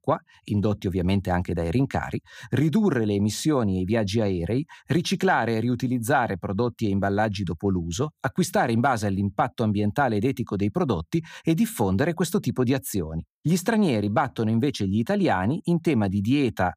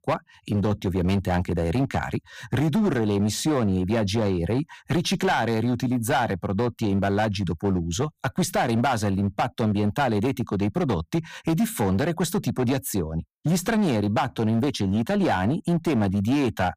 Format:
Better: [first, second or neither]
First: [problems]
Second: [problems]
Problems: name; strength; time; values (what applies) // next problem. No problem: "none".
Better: first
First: none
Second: distortion; slight; 13% of the sound clipped